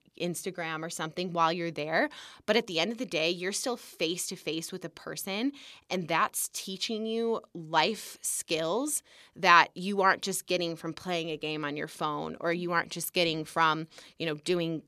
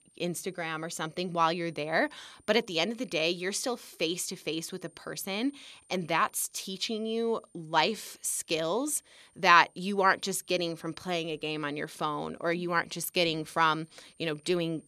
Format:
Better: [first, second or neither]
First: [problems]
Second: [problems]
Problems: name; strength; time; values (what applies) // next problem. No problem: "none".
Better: first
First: none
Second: high-pitched whine; faint; throughout; 9 kHz, 30 dB below the speech